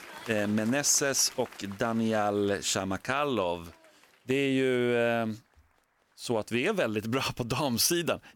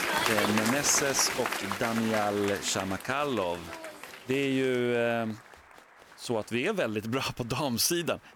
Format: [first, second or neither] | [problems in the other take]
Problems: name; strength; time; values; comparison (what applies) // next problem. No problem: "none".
first | crowd noise; loud; throughout; 4 dB below the speech; faint in the first